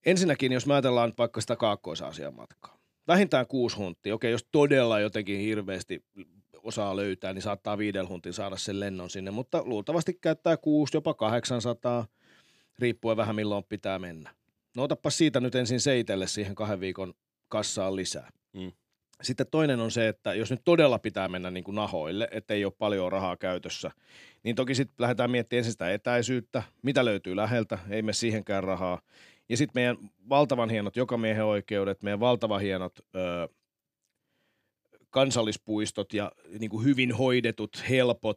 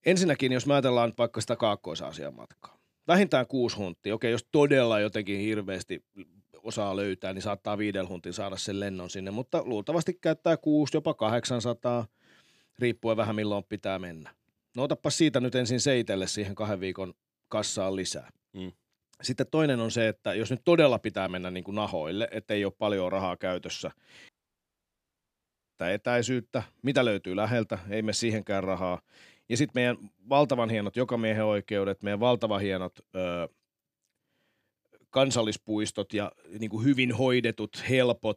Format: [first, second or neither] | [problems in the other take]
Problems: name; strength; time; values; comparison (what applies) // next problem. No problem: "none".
first | audio cutting out; at 24 s for 1.5 s